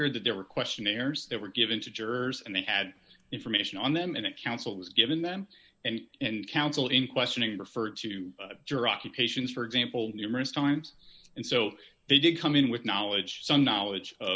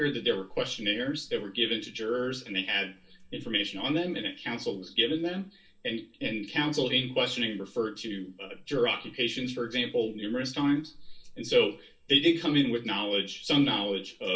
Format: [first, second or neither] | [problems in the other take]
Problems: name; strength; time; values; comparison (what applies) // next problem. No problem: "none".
first | room echo; dies away in 0.2 s